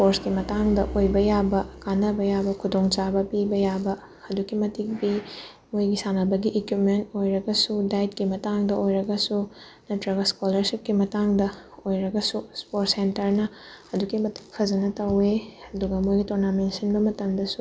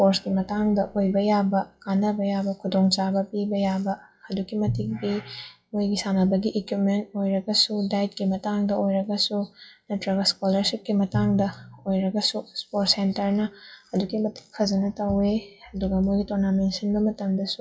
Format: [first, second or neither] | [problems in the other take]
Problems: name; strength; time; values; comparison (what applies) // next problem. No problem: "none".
first | noise reduction (classical method WPE with log-MMSE)